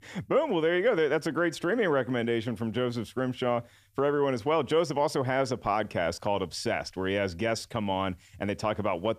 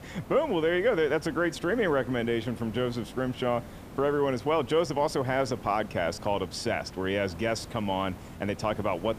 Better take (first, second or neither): first